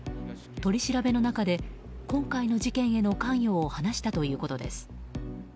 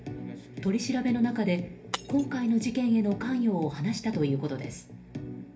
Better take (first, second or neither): first